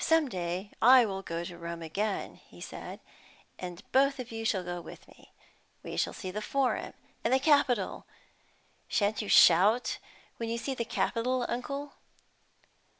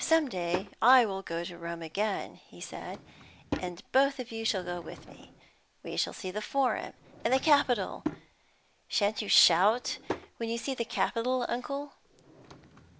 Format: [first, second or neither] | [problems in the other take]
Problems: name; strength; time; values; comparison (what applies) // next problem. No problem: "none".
first | background sound (Drawer open or close / Wood); 14 dB below the speech